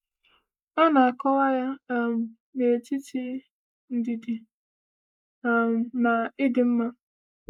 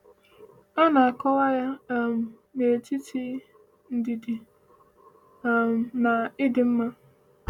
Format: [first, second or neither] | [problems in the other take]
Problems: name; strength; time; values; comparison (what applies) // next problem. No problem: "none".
second | noise reduction (neural mask model Resemble Enhance denoiser)